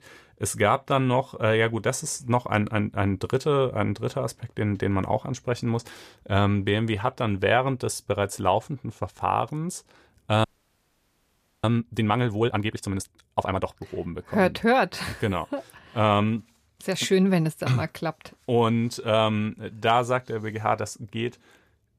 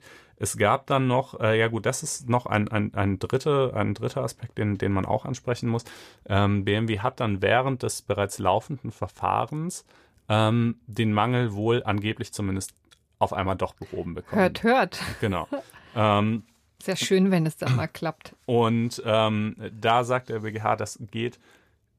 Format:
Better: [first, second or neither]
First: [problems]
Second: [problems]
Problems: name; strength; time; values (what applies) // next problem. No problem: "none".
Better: second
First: audio freezing; at 10 s for 1 s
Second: none